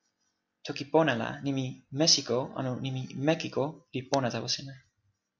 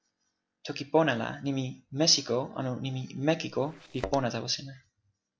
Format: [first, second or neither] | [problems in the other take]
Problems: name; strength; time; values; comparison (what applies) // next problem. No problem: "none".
first | noise reduction (neural separator model SepFormer DNS4)